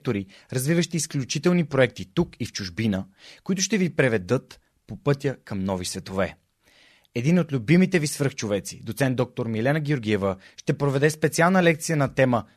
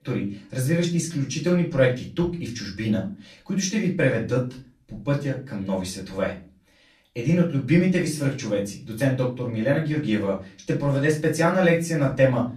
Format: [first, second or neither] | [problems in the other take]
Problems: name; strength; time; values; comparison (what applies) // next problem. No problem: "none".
first | off-mic speech; far // room echo; slight; dies away in 0.3 s